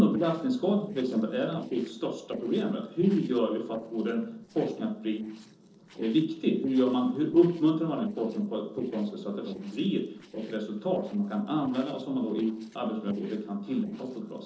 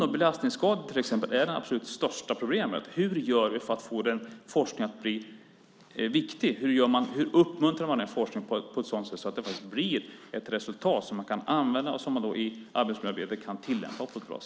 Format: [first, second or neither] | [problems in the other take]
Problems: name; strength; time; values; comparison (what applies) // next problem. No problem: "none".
second | noise reduction (neural separator model SepFormer DNS4)